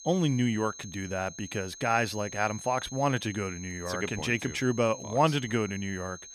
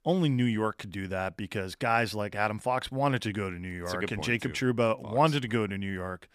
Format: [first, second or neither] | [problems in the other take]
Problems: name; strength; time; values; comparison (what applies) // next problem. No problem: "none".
second | high-pitched whine; noticeable; throughout; 6.5 kHz, 15 dB below the speech